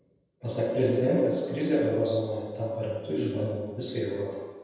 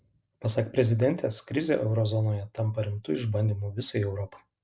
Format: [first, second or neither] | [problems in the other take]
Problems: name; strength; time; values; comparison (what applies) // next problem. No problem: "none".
second | room echo; dies away in 1.2 s